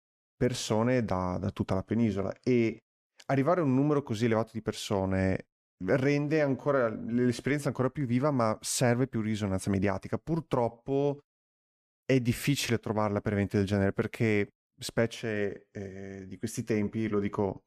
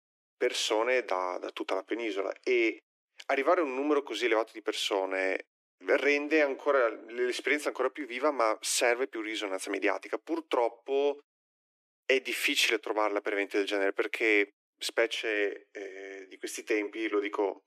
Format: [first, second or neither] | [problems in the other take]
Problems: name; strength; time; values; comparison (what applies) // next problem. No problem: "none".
first | thin; very; fading below 300 Hz